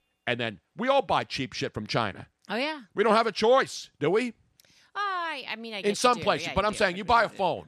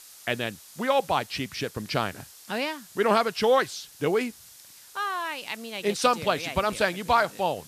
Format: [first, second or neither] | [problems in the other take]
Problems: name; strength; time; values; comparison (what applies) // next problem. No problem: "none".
first | hiss; noticeable; throughout; 20 dB below the speech